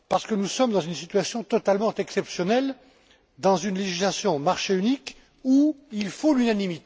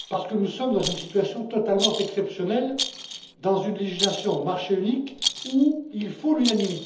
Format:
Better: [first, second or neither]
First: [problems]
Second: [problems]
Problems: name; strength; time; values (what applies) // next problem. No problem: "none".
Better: first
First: none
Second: background sound (Rattle); 8 dB below the speech // room echo; dies away in 1.2 s